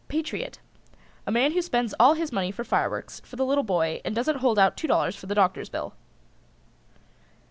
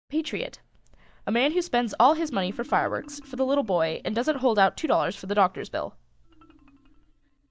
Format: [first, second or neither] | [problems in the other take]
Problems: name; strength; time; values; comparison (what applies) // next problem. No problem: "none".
first | noise reduction (neural mask model DeepFilterNet 3)